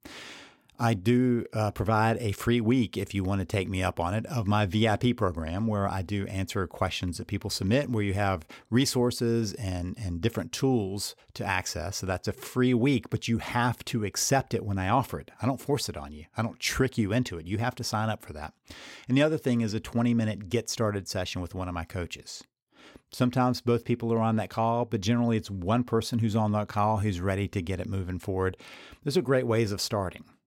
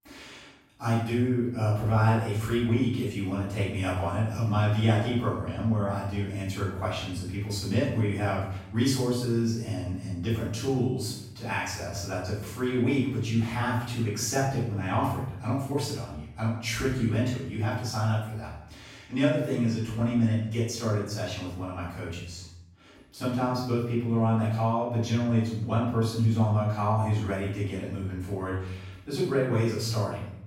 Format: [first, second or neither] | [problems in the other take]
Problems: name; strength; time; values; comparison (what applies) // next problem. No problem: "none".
first | off-mic speech; far // room echo; noticeable; dies away in 0.7 s